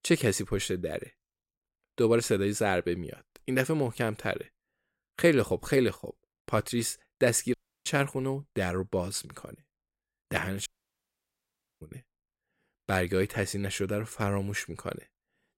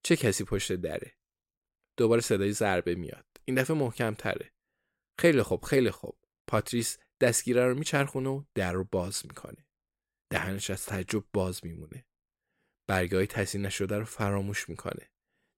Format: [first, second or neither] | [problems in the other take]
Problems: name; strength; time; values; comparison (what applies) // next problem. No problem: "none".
second | audio cutting out; at 7.5 s and at 11 s for 1 s